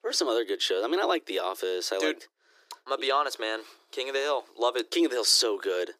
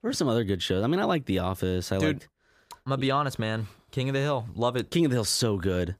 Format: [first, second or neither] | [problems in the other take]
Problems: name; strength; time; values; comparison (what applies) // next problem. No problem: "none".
second | thin; very; fading below 300 Hz